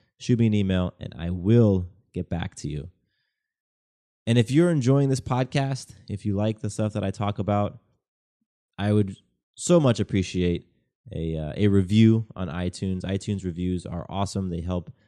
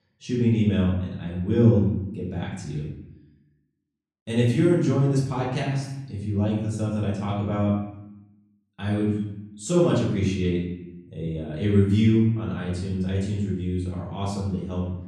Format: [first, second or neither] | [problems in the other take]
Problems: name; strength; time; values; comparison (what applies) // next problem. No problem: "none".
first | room echo; noticeable; dies away in 0.8 s // off-mic speech; far